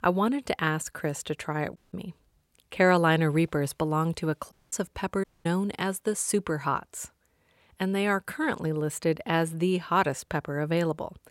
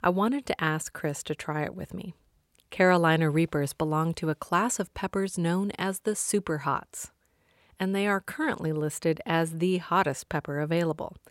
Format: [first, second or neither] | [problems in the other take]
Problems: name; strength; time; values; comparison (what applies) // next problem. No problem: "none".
second | audio cutting out; at 2 s, at 4.5 s and at 5 s